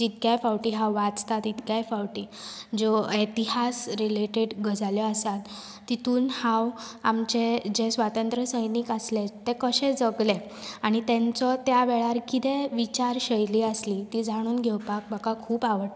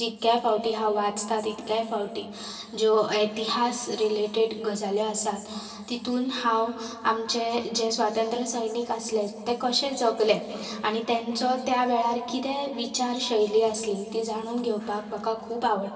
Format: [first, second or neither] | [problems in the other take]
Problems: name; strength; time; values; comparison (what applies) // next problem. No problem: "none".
first | room echo; dies away in 2.3 s